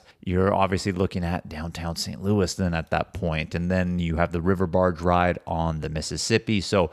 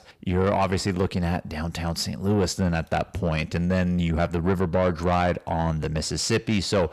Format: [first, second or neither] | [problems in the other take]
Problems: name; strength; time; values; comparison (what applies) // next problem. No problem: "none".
first | distortion; slight; 10 dB below the speech